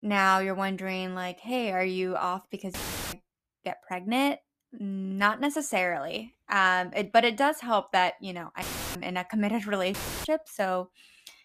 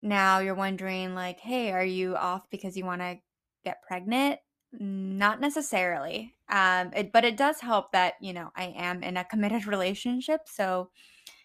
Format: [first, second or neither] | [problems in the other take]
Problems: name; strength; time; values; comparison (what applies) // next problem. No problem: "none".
second | audio cutting out; filled with static; at 2.5 s, at 8.5 s and at 10 s